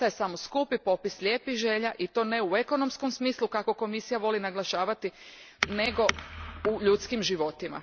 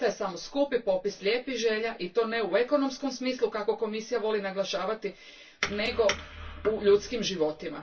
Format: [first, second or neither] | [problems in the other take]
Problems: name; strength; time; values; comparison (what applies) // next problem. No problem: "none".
first | room echo; dies away in 0.2 s